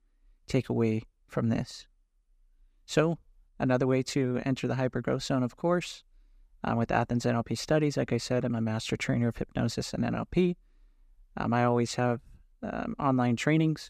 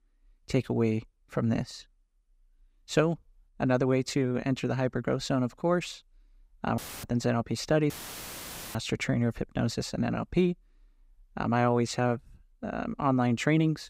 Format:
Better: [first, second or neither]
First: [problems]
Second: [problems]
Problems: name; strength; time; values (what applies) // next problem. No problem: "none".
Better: first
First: none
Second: audio cutting out; filled with static; at 7 s and at 8 s for 1 s